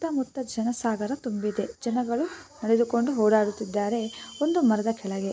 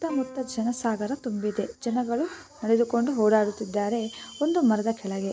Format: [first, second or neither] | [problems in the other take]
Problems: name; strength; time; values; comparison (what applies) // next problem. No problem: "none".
first | background sound (Plucked string instrument); 20 dB below the speech